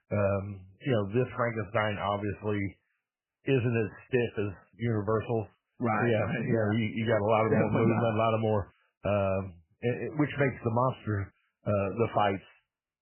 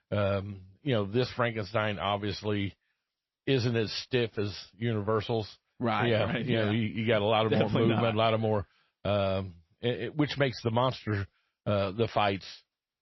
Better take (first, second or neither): second